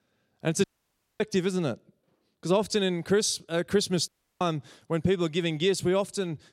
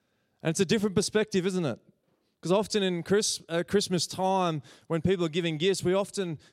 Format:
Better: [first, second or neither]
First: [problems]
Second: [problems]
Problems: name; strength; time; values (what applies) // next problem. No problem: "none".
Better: second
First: audio cutting out; at 0.5 s for 0.5 s and at 4 s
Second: none